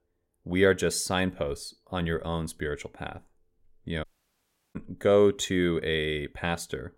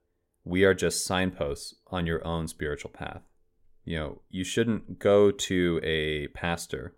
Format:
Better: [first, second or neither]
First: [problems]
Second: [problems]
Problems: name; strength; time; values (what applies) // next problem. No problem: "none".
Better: second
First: audio cutting out; at 4 s for 0.5 s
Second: none